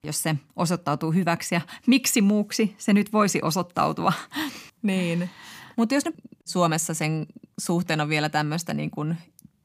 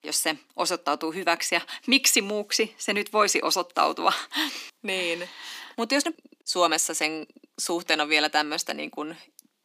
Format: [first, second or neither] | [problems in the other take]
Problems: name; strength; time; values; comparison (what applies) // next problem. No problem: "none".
first | thin; somewhat; fading below 300 Hz